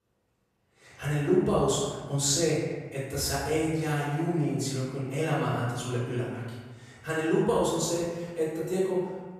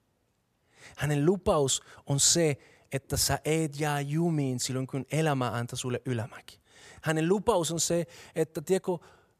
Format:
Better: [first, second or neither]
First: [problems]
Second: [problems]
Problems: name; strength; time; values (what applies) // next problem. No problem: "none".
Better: second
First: room echo; strong; dies away in 1.3 s // off-mic speech; far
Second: none